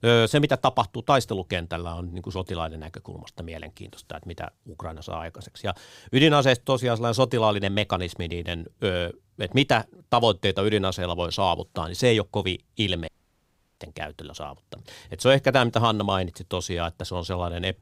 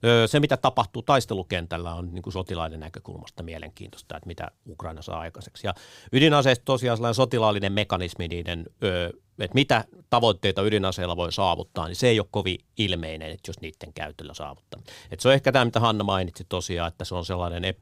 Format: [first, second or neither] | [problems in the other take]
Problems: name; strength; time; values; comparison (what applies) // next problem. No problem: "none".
second | audio cutting out; at 13 s for 0.5 s